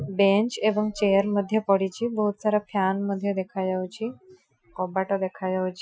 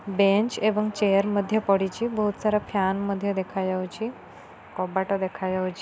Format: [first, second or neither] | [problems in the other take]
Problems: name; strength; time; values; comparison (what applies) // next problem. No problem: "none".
second | noise reduction (classical method Wiener filter)